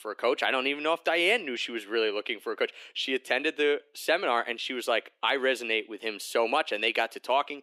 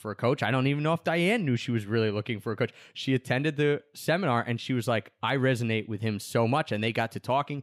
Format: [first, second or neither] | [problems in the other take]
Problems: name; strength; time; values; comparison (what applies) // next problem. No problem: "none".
second | thin; very; fading below 350 Hz